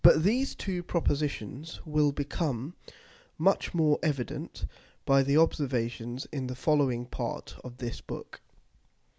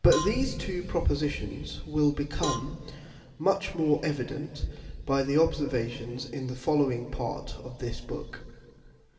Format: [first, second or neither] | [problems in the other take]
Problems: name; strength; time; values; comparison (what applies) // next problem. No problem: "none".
first | background sound (Cowbell); 12 dB below the speech // room echo; dies away in 2.3 s